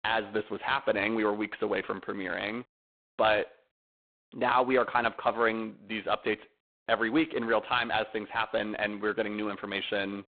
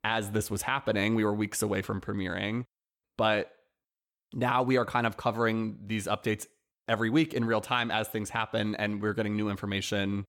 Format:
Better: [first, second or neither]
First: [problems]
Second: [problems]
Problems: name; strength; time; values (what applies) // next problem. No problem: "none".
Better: second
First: phone-call audio; poor line; nothing above 4 kHz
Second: none